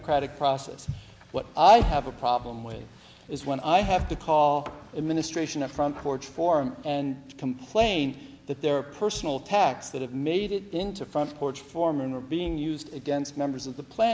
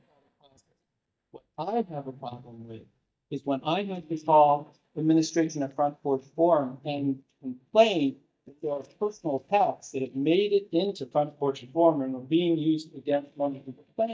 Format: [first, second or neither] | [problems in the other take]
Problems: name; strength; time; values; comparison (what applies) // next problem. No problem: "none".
first | noise reduction (neural mask model DeepFilterNet 3)